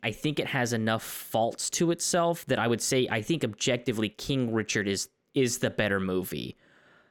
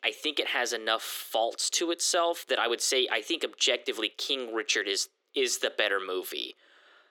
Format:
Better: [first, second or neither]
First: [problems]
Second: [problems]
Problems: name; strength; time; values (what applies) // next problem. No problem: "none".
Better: first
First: none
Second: thin; very; fading below 350 Hz